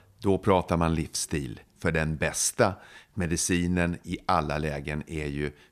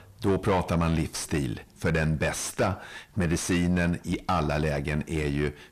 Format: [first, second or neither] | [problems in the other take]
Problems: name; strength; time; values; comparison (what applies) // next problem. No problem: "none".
first | distortion; heavy; 6 dB below the speech